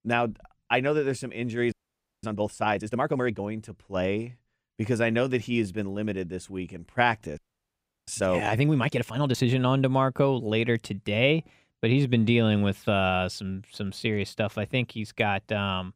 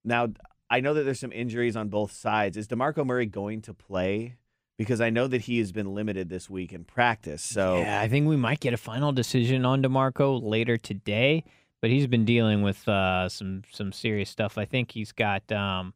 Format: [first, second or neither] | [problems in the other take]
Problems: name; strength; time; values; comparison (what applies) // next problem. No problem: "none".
second | audio freezing; at 1.5 s for 0.5 s and at 7.5 s for 0.5 s